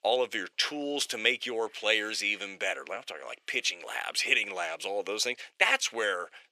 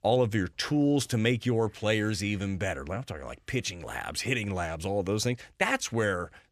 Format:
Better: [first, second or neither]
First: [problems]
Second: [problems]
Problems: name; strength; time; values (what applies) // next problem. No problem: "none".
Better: second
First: thin; very; fading below 450 Hz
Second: none